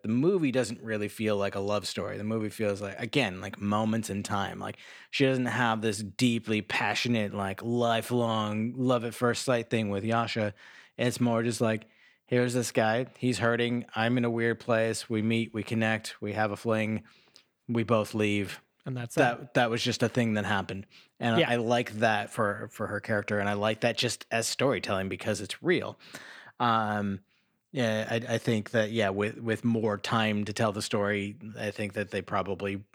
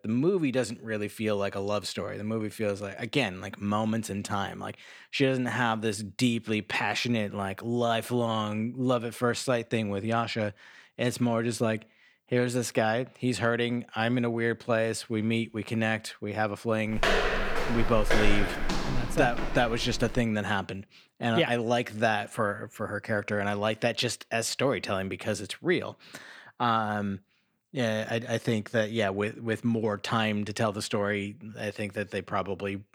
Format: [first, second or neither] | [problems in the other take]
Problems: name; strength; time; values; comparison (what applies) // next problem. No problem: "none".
first | footsteps; loud; from 17 to 20 s; peak 4 dB above the speech